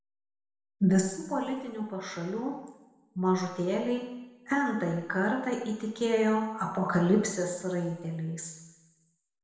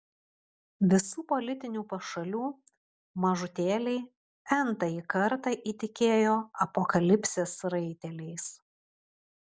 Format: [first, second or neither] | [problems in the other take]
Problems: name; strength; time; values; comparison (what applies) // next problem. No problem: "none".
second | room echo; dies away in 1 s